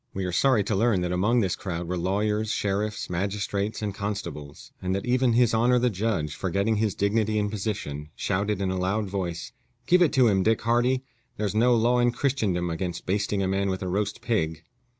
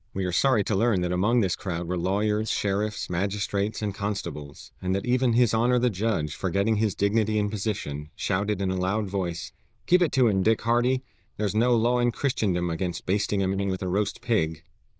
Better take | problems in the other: first | noise reduction (neural diffusion model UNIVERSE++)

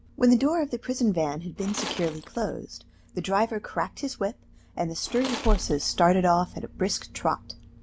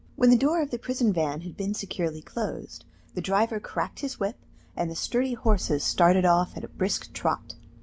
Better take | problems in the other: second | background sound (Tools); 12 dB below the speech

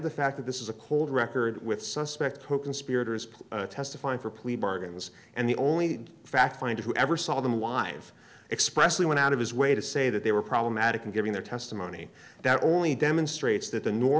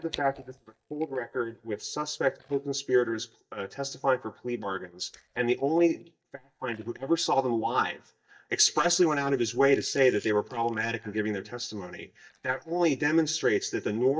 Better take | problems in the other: first | noise reduction (neural mask model DeepFilterNet 3)

